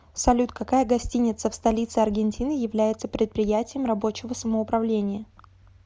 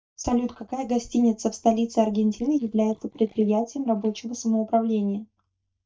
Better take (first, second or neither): first